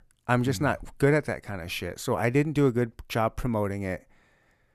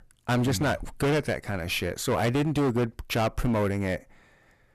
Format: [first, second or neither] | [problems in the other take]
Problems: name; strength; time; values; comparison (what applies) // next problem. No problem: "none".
first | distortion; heavy; 15% of the sound clipped